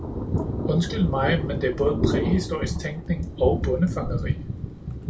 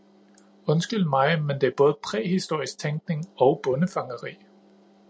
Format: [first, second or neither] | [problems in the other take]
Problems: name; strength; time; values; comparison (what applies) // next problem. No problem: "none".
second | background sound (Thunder); 1 dB below the speech // room echo; dies away in 0.2 s